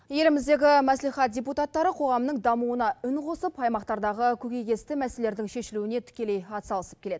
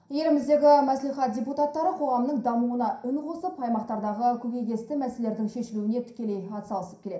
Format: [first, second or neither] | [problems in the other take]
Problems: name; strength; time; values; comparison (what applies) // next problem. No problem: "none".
first | room echo; dies away in 0.5 s